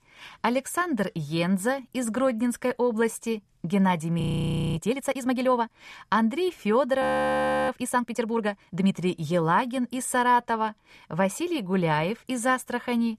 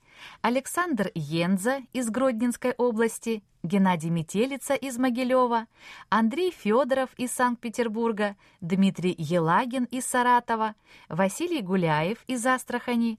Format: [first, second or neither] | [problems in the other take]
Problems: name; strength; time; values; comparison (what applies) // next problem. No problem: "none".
second | audio freezing; at 4 s for 0.5 s and at 7 s for 0.5 s